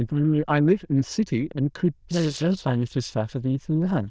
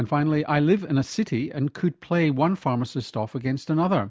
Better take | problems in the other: second | noise reduction (neural diffusion model UNIVERSE++)

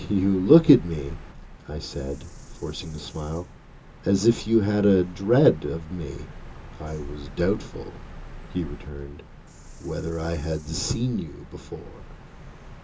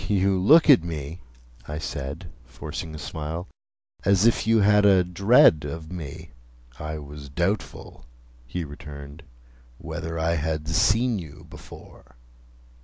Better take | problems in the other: second | background sound (Bird vocalization, bird call, bird song); 16 dB below the speech // room echo; dies away in 0.2 s

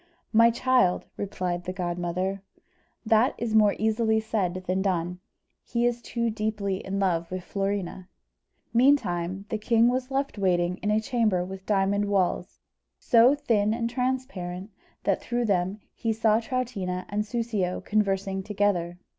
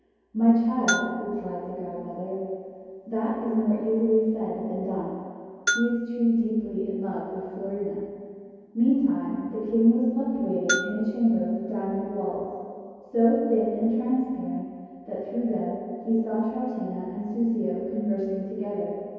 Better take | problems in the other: first | background sound (Bell); 8 dB below the speech // room echo; dies away in 2.2 s

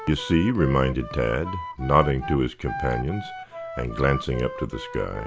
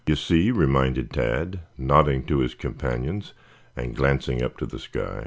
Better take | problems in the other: second | background sound (Wind instrument, woodwind instrument); 11 dB below the speech

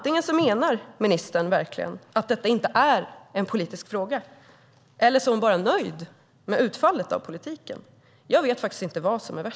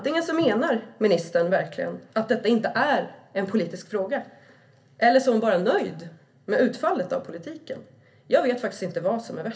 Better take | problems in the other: first | room echo; dies away in 0.3 s

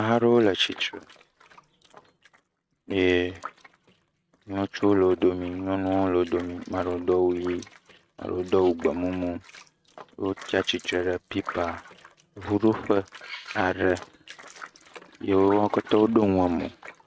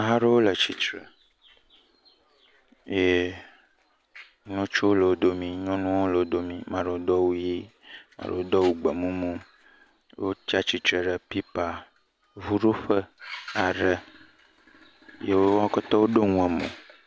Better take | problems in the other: second | noise reduction (neural mask model RNNoise)

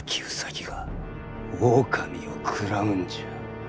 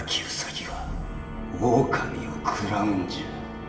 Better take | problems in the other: first | room echo; dies away in 2.2 s

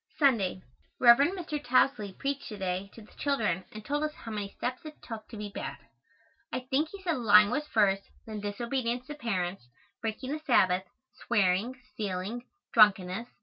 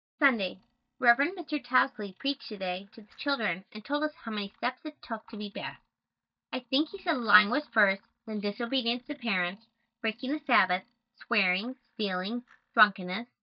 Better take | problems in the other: first | noise reduction (neural mask model DeepFilterNet 3)

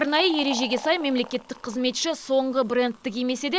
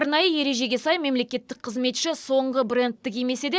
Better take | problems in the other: second | background sound (Fill (with liquid)); 17 dB below the speech

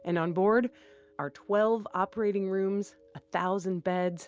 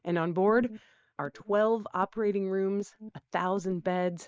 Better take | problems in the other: first | noise reduction (neural mask model Resemble Enhance denoiser)

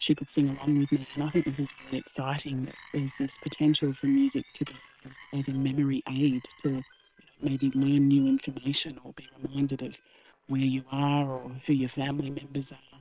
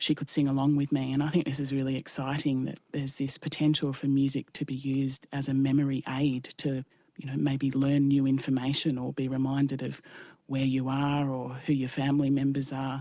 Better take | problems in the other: second | noise reduction (neural separator model SepFormer WHAM!)

